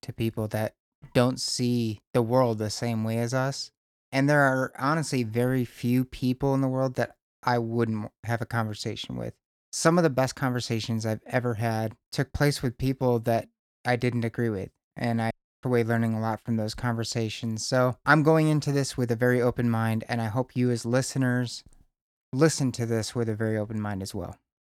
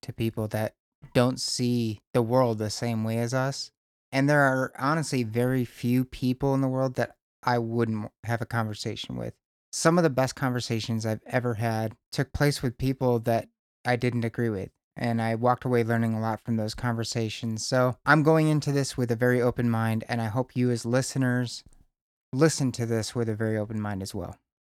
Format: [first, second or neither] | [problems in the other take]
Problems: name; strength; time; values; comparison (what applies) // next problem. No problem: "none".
second | audio cutting out; at 15 s